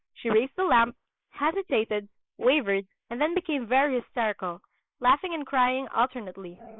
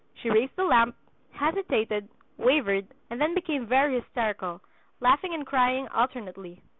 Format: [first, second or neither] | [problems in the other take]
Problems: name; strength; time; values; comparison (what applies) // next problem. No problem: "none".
second | noise reduction (neural mask model Resemble Enhance denoiser)